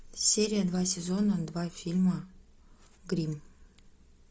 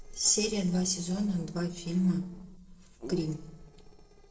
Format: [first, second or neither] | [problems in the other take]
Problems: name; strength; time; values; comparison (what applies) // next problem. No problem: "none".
first | noise reduction (neural separator model SepFormer DNS4)